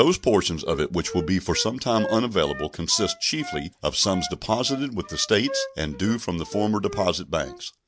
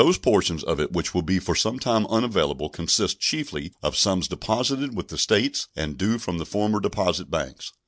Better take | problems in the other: second | background sound (Wind instrument, woodwind instrument); 13 dB below the speech

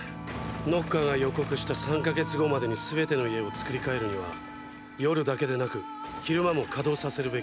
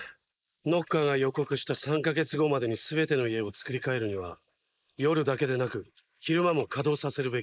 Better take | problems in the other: first | noise reduction (neural mask model Resemble Enhance denoiser)

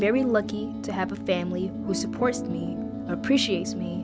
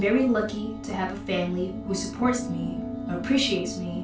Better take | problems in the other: first | room echo; dies away in 0.2 s

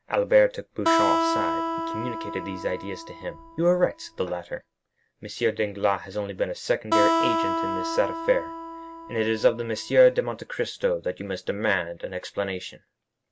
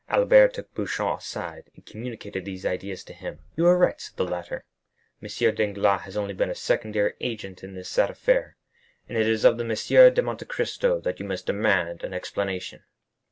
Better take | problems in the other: second | background sound (Acoustic guitar); 2 dB below the speech

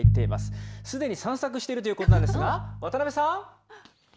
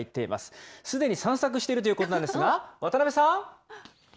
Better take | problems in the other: second | background sound (Piano); 4 dB above the speech

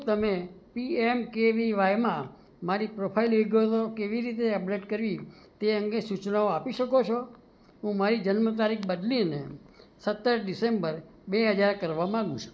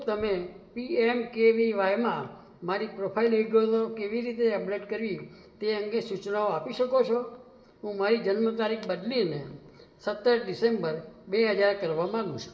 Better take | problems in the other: first | room echo; dies away in 0.9 s

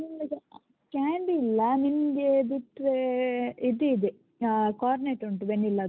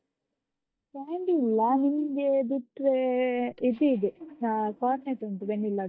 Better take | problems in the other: first | noise reduction (neural mask model DeepFilterNet 3)

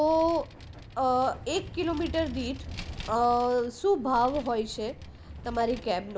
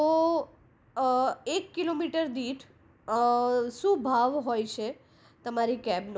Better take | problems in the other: second | background sound (Vehicle); 13 dB below the speech

